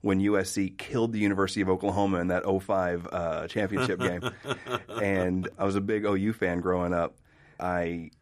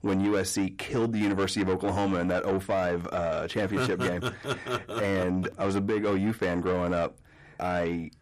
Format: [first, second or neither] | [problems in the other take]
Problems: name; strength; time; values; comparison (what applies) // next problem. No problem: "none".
first | distortion; slight; 10 dB below the speech